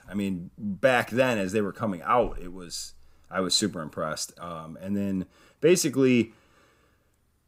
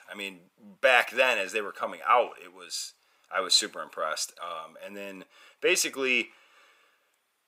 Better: first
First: none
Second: thin; very; fading below 700 Hz

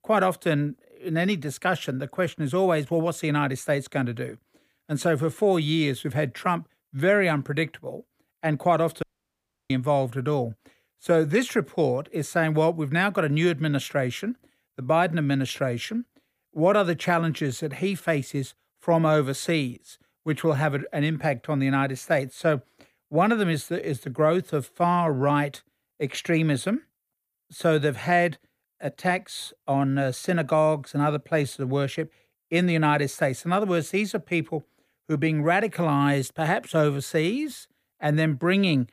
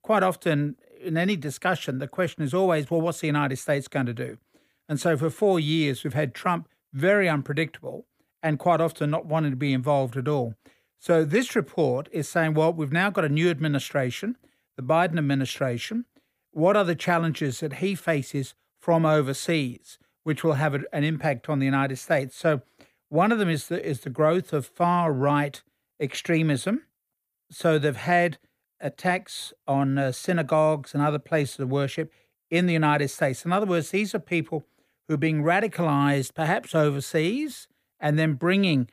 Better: second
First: audio cutting out; at 9 s for 0.5 s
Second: none

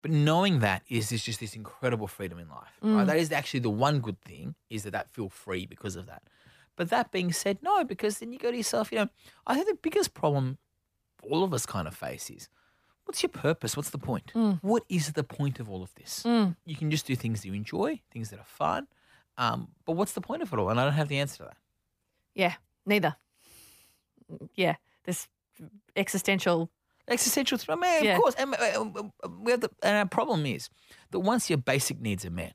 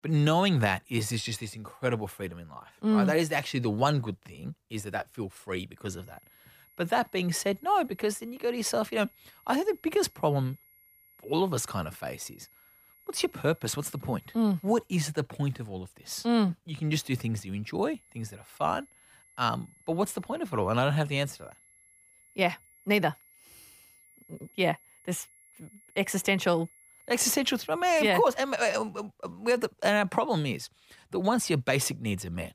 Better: first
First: none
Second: high-pitched whine; faint; from 6 to 15 s and from 18 to 28 s; 11.5 kHz, 30 dB below the speech

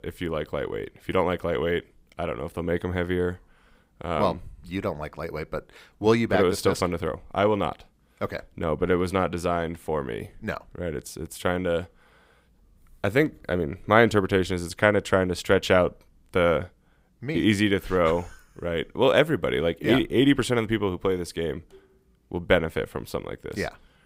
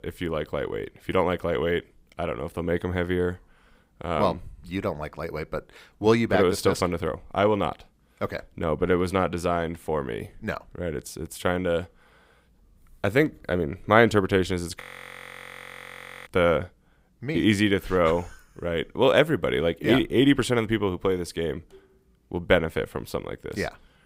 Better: first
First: none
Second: audio freezing; at 15 s for 1.5 s

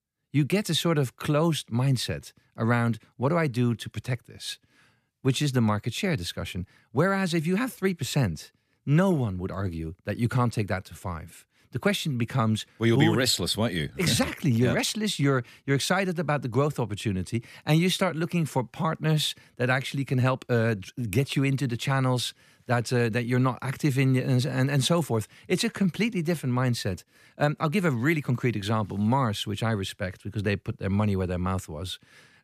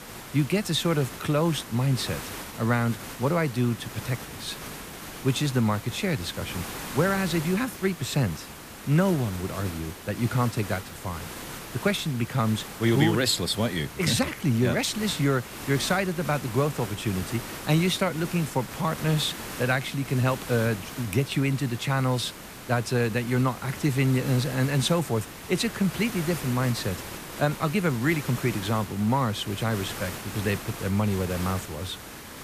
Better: first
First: none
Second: hiss; noticeable; throughout; 10 dB below the speech

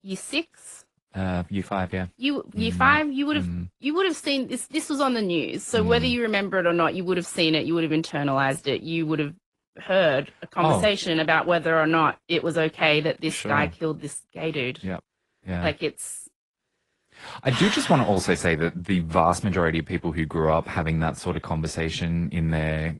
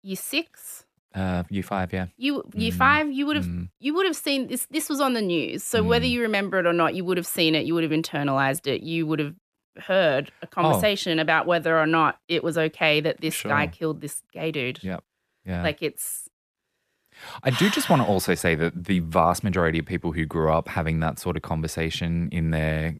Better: second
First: garbled, watery; slightly; nothing above 11 kHz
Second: none

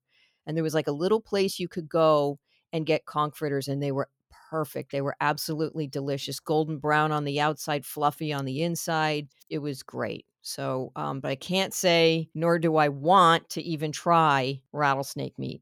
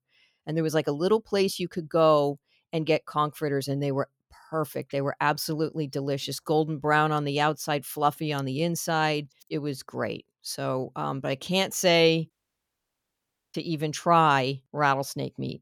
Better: first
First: none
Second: audio cutting out; at 12 s for 1 s

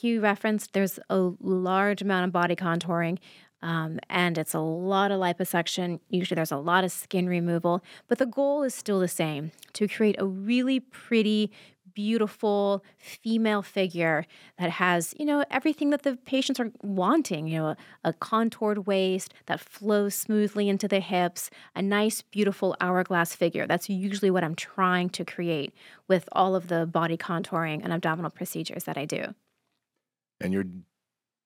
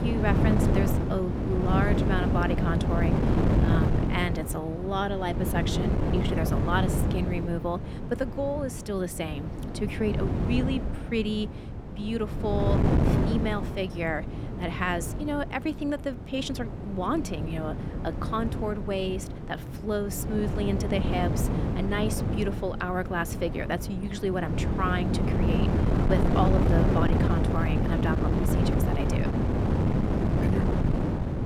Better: first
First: none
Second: wind noise on the microphone; heavy; 2 dB below the speech

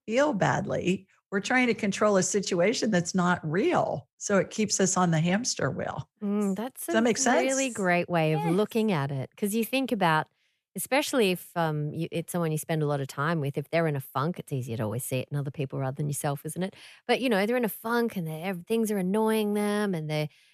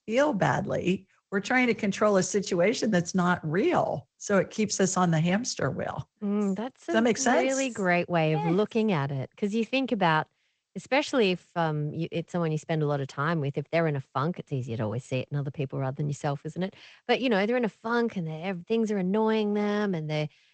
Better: first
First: none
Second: garbled, watery; slightly; nothing above 7.5 kHz

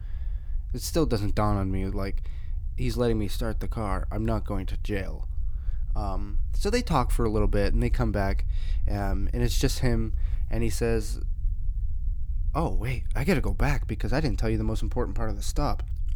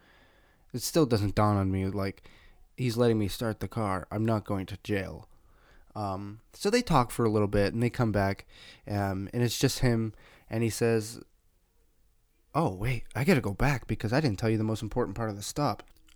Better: second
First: low rumble; faint; throughout; 25 dB below the speech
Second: none

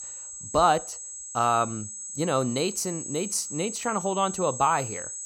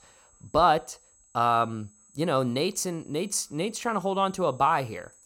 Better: second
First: high-pitched whine; loud; throughout; 7.5 kHz, 8 dB below the speech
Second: high-pitched whine; faint; throughout; 7.5 kHz, 30 dB below the speech

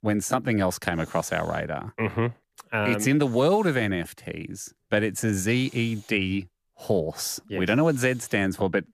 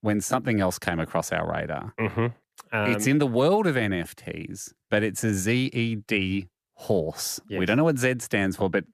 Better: second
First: hiss; faint; throughout; 25 dB below the speech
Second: none

